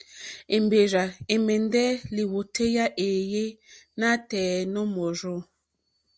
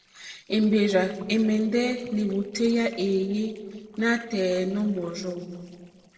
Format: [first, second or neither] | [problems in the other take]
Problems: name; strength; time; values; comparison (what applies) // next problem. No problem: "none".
first | noise reduction (neural separator model SepFormer DNS4)